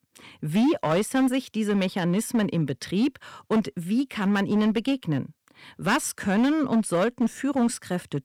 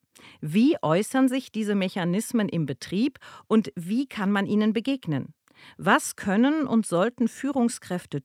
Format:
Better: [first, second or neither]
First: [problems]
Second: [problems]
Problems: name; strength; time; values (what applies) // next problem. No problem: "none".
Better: second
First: distortion; slight; 8% of the sound clipped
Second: none